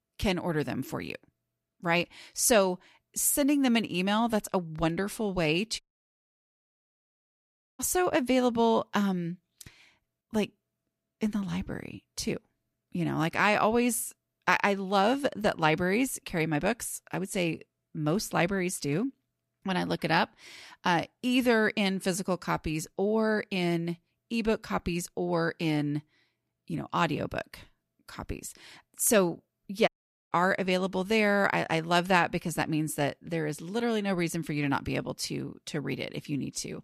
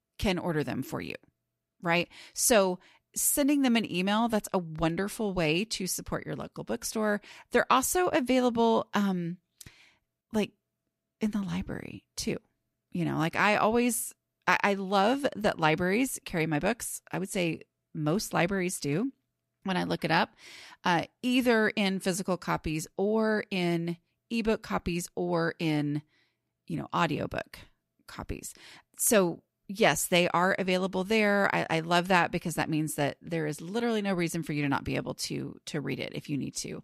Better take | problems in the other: second | audio cutting out; at 6 s for 2 s and at 30 s

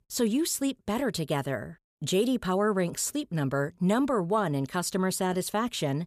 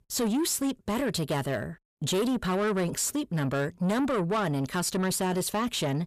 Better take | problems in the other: first | distortion; slight; 10 dB below the speech

